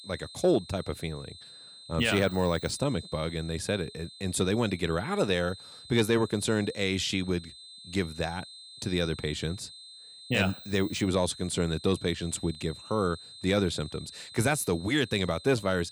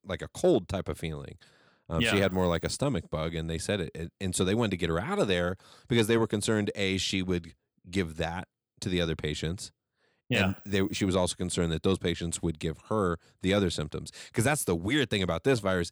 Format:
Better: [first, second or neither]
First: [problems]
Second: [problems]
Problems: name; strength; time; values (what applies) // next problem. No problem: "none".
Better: second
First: high-pitched whine; noticeable; throughout; 4 kHz, 15 dB below the speech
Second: none